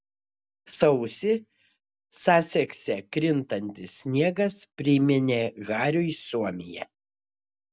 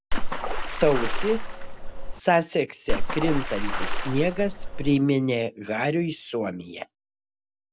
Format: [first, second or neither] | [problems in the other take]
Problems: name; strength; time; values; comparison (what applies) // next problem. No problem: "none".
first | background sound (Water / Splash, splatter); 3 dB above the speech